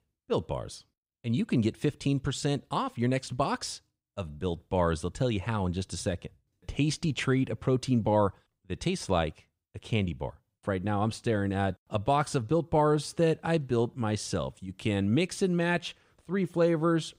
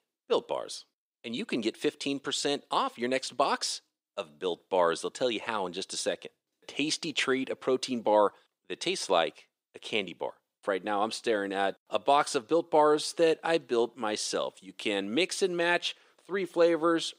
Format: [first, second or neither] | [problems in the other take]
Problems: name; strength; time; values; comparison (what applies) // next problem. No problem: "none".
first | thin; somewhat; fading below 350 Hz